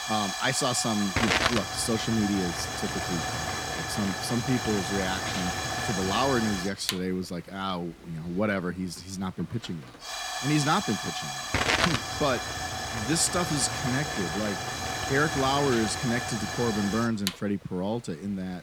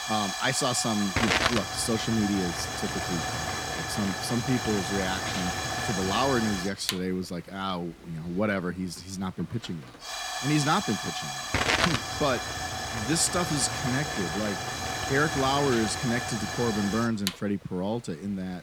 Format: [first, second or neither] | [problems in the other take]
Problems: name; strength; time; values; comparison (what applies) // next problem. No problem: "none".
neither | hiss; loud; throughout; 1 dB below the speech; the same in both